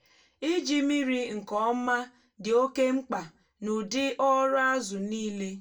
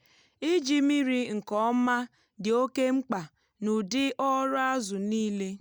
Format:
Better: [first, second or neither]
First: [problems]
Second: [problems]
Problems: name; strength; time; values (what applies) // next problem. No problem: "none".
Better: second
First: room echo; dies away in 0.2 s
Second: none